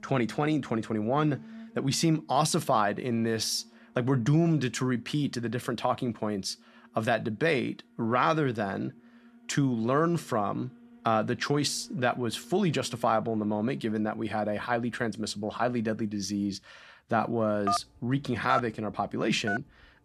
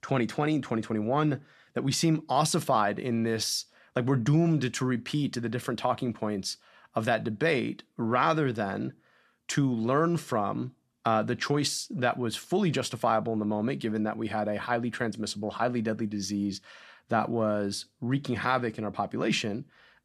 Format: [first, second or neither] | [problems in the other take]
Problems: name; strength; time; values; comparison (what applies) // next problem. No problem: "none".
second | alarms or sirens; noticeable; throughout; 10 dB below the speech